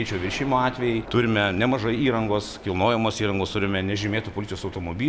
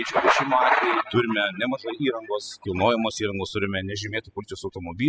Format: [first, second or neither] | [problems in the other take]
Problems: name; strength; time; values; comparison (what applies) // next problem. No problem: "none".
first | noise reduction (classical method spectral subtraction)